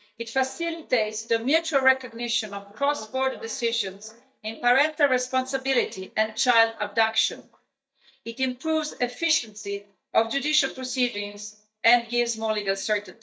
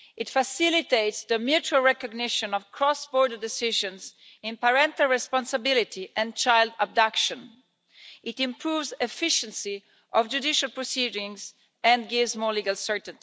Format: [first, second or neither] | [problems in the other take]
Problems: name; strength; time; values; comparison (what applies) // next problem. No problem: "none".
second | noise reduction (neural mask model DeepFilterNet 3)